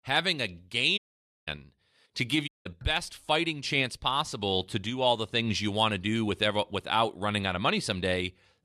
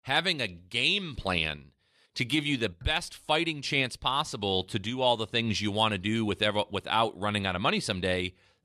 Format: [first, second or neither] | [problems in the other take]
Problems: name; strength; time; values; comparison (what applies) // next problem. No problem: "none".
second | audio cutting out; at 1 s and at 2.5 s